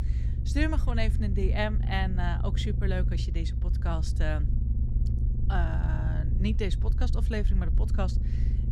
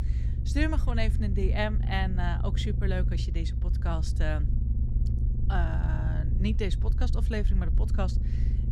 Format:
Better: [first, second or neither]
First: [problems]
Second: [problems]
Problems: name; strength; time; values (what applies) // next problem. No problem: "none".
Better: neither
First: low rumble; loud; throughout; 9 dB below the speech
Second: low rumble; loud; throughout; 9 dB below the speech